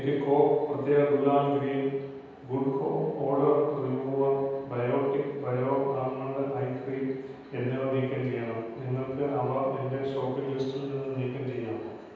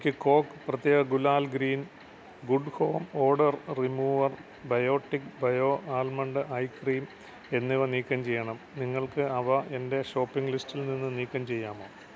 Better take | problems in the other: second | room echo; dies away in 1.2 s

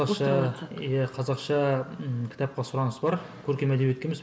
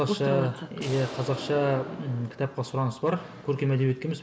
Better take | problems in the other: first | background sound (Explosion); 13 dB below the speech

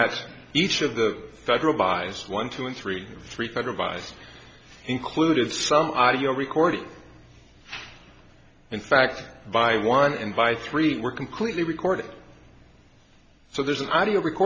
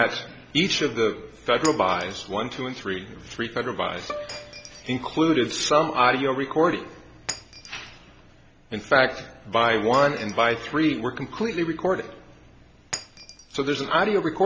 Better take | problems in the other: first | background sound (Bowed string instrument + Shatter); 18 dB below the speech

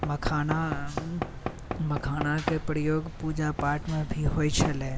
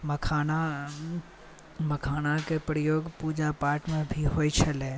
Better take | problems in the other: second | background sound (Knock / Wood + Cricket); 5 dB below the speech

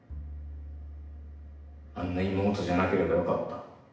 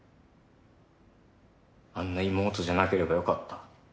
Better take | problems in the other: second | background sound (Bowed string instrument); 13 dB below the speech // room echo; dies away in 0.8 s

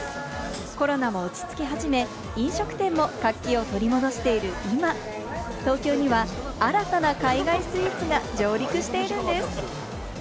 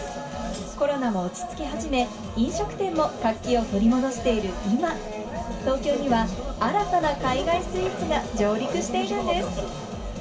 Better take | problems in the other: first | room echo; dies away in 0.2 s

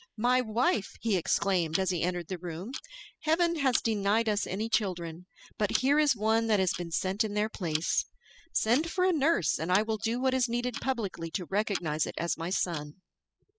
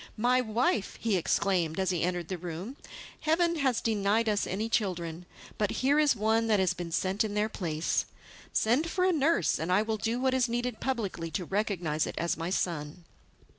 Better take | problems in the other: second | noise reduction (classical method spectral subtraction)

